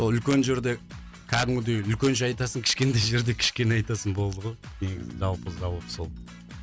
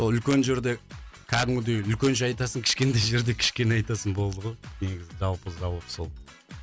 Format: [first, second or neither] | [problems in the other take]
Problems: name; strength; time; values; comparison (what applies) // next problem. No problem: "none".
second | background sound (Bass guitar); 20 dB below the speech